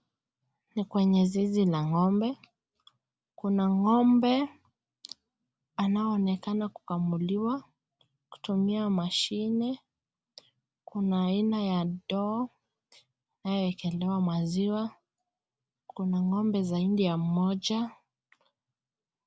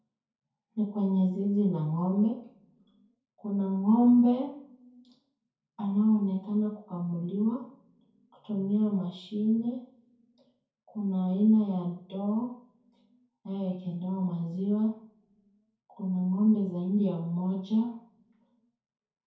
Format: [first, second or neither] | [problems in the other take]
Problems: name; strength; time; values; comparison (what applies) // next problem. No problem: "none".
first | room echo; dies away in 0.6 s